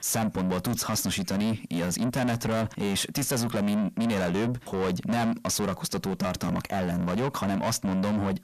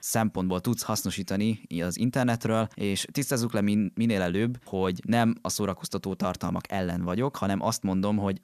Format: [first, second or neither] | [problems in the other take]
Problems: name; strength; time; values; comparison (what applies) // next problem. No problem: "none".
second | distortion; heavy; 6 dB below the speech